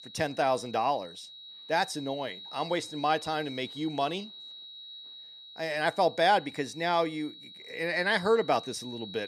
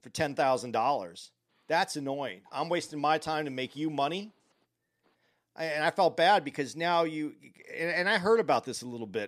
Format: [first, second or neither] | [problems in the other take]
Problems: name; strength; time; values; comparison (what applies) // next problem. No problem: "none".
second | high-pitched whine; noticeable; throughout; 4 kHz, 15 dB below the speech